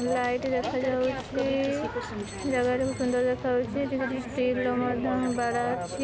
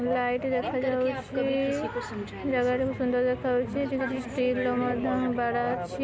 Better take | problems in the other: second | background sound (Telephone + Run); 18 dB below the speech

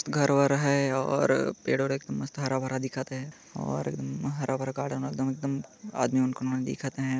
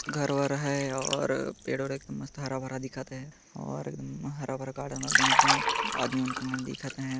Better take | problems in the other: first | background sound (Liquid); 1 dB above the speech

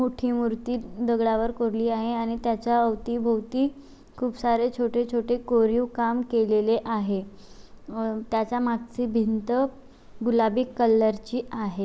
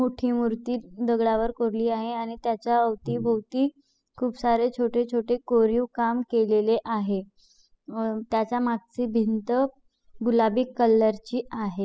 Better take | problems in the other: first | noise reduction (classical method spectral subtraction)

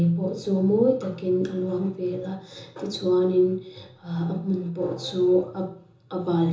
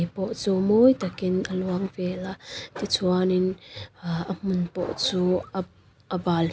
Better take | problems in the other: second | room echo; dies away in 0.6 s

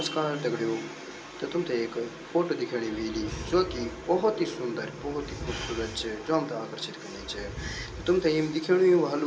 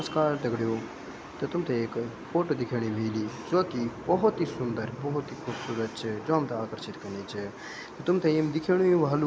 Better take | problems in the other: second | background sound (Animal); 13 dB below the speech // room echo; dies away in 0.2 s

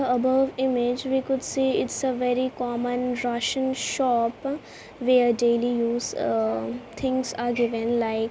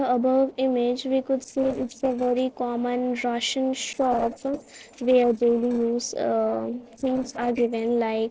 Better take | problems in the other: first | noise reduction (neural separator model SepFormer DNS4)

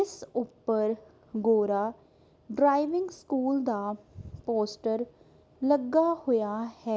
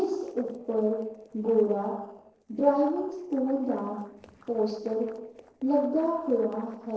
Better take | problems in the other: first | noise reduction (neural separator model SepFormer DNS4)

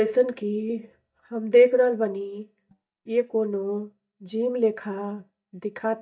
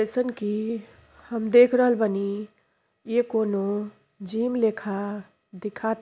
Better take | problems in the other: second | noise reduction (neural mask model DeepFilterNet 3)

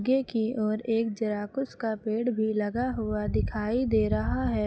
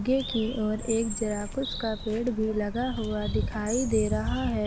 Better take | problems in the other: first | background sound (Bird); 9 dB below the speech

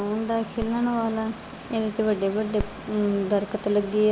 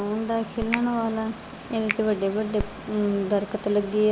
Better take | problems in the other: first | background sound (Finger snapping); 8 dB below the speech

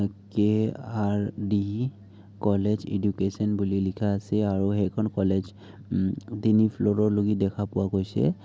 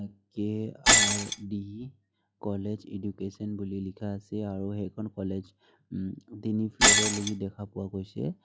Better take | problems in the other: first | noise reduction (classical method log-MMSE)

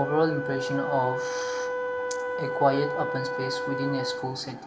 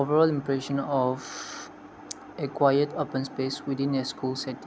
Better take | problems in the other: second | background sound (Wind instrument, woodwind instrument); 2 dB below the speech // room echo; dies away in 0.9 s

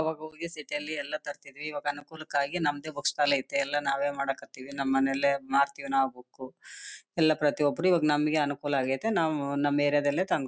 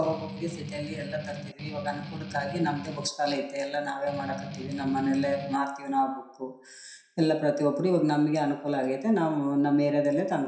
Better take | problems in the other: first | background sound (Strum); 10 dB below the speech // room echo; dies away in 0.7 s

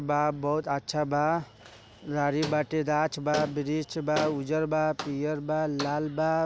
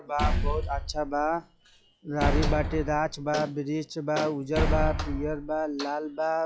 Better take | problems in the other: first | noise reduction (classical method log-MMSE)

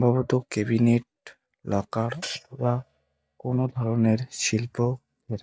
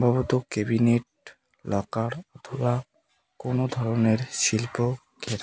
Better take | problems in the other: second | noise reduction (neural mask model DeepFilterNet 3)

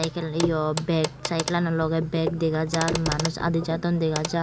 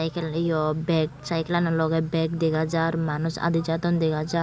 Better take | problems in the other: second | background sound (Clock); 8 dB below the speech

